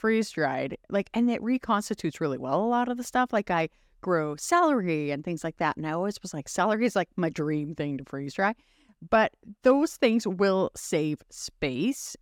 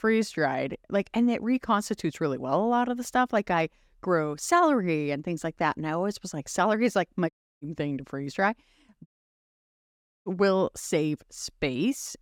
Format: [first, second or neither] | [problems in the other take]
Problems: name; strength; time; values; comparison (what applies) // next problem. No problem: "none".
first | audio cutting out; at 7.5 s and at 9 s for 1 s